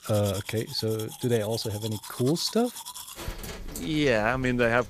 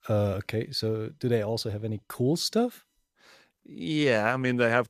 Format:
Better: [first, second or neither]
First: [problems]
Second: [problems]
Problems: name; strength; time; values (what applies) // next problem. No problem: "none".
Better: second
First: household noises; noticeable; throughout; 10 dB below the speech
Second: none